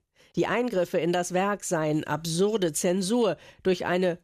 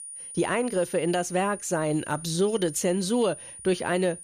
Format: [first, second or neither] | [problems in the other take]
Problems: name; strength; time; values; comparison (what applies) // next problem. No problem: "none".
first | high-pitched whine; noticeable; throughout; 9.5 kHz, 15 dB below the speech